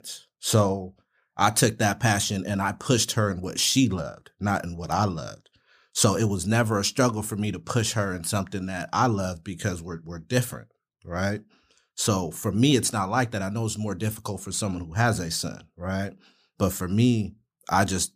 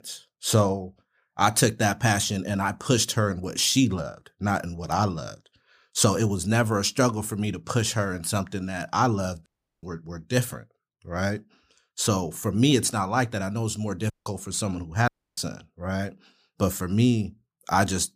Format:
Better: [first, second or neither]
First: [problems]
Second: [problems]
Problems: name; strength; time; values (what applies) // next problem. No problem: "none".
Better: first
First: none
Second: audio cutting out; at 9.5 s, at 14 s and at 15 s